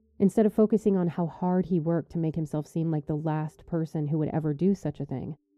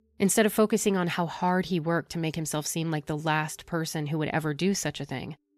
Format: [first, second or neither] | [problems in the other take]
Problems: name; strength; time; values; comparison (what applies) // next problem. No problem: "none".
second | muffled; very; fading above 1 kHz